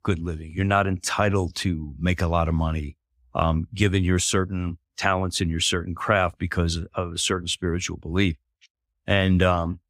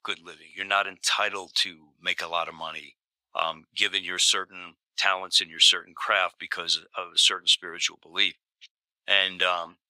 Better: first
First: none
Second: thin; very; fading below 800 Hz

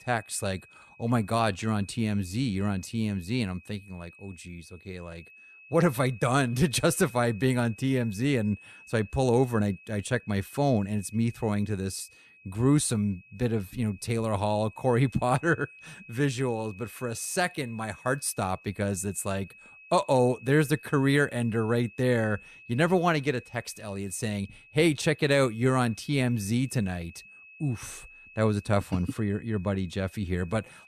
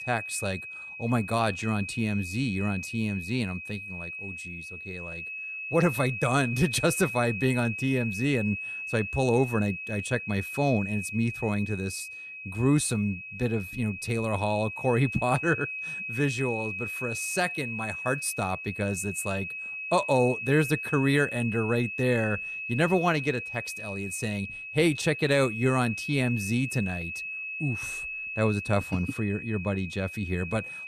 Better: first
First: high-pitched whine; faint; throughout; 2.5 kHz, 20 dB below the speech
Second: high-pitched whine; loud; throughout; 2.5 kHz, 6 dB below the speech

